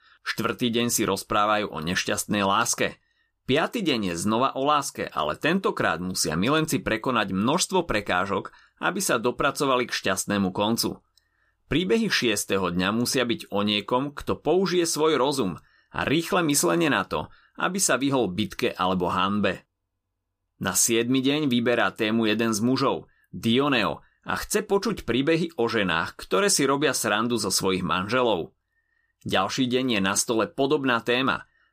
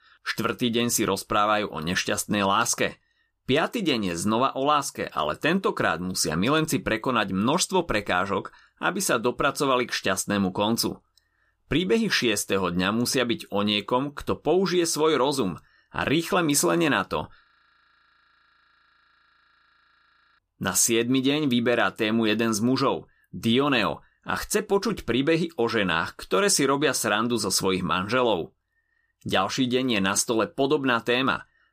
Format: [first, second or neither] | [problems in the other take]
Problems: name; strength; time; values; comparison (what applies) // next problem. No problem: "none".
first | audio freezing; at 17 s for 3 s